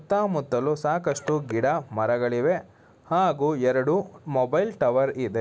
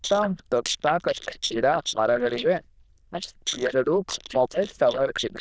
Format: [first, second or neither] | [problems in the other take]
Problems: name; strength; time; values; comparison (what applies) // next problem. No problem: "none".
first | noise reduction (neural diffusion model UNIVERSE++)